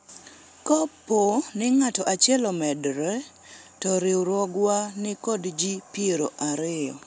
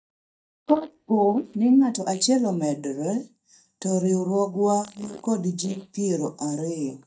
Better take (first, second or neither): first